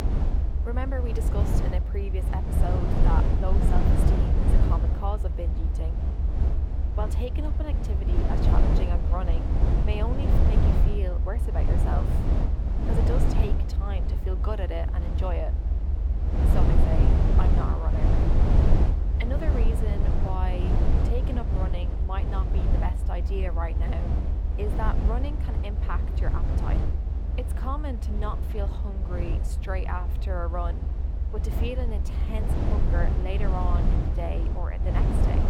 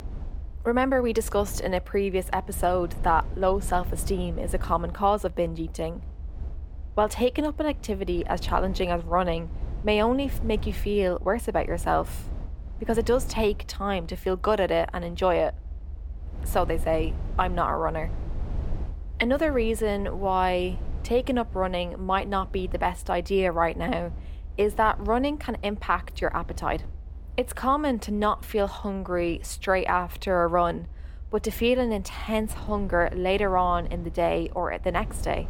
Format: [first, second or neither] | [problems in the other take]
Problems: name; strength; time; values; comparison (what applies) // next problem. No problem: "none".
second | low rumble; loud; throughout; 1 dB below the speech; faint in the second